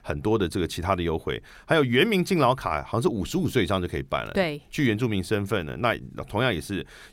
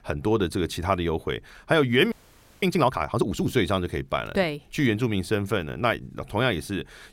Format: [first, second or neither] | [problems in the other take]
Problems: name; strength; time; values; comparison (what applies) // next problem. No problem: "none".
first | audio freezing; at 2 s for 0.5 s